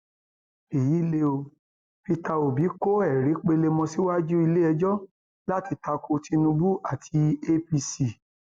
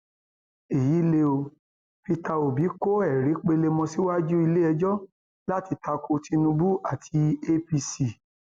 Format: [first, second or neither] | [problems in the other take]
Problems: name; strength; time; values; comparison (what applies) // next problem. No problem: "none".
second | noise reduction (neural mask model DeepFilterNet 3)